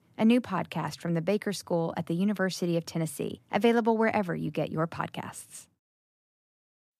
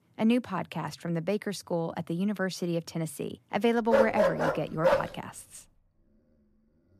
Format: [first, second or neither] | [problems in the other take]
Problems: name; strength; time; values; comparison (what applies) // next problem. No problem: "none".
first | dog barking; loud; from 4 to 5 s; peak 6 dB above the speech